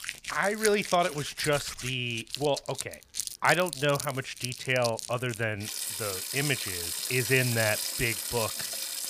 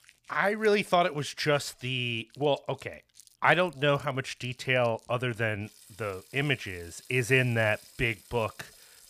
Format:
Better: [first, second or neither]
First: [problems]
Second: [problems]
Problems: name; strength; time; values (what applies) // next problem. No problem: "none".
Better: second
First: household noises; loud; throughout; 4 dB below the speech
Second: household noises; faint; throughout; 25 dB below the speech